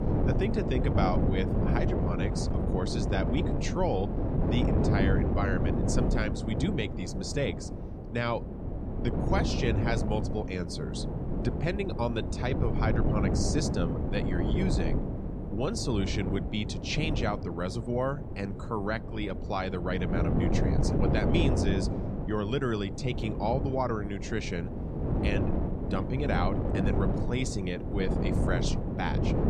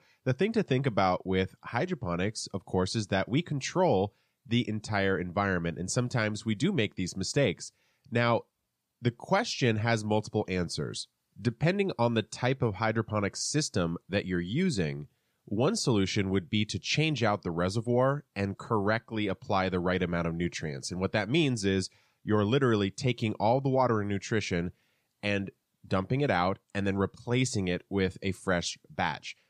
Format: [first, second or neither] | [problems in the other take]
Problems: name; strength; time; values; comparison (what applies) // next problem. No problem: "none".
second | wind noise on the microphone; heavy; 3 dB below the speech